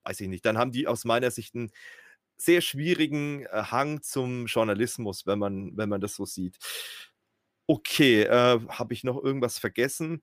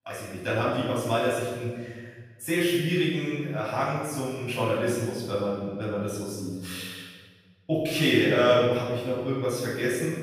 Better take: first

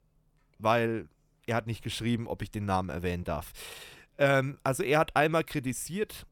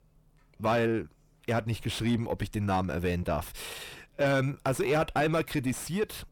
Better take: first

